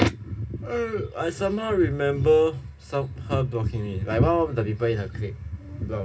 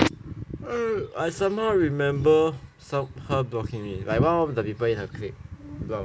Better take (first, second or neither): second